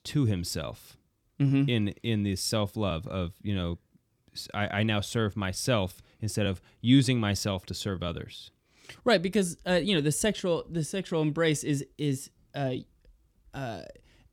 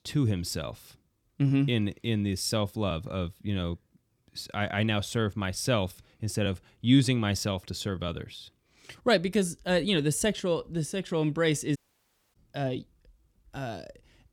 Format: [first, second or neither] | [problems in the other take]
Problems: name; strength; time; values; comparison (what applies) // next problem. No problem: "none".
first | audio cutting out; at 12 s for 0.5 s